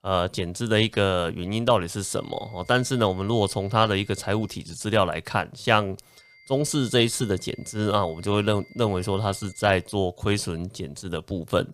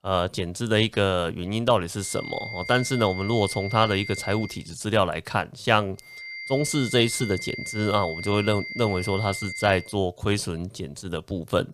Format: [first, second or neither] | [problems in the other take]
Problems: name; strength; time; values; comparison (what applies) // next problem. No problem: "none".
first | high-pitched whine; loud; from 2 to 4.5 s and from 6 to 10 s; 2 kHz, 9 dB below the speech; faint in the first